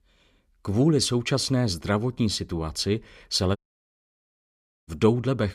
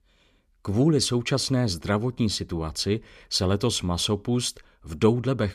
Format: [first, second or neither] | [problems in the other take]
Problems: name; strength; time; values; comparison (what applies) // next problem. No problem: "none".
second | audio cutting out; at 3.5 s for 1.5 s